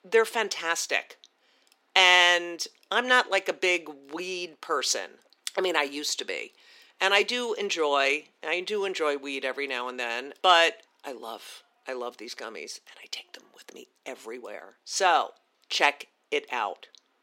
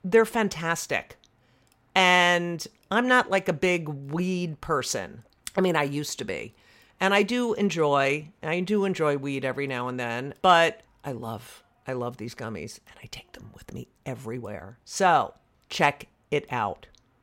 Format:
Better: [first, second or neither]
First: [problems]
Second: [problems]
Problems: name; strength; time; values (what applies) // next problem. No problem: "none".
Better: second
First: thin; somewhat; fading below 300 Hz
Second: none